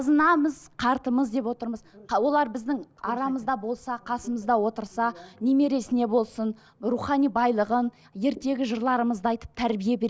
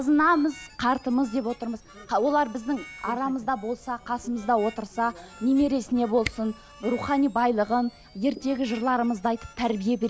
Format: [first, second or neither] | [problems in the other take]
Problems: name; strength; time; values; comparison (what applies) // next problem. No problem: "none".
first | background sound (Harmonica + Camera); 20 dB below the speech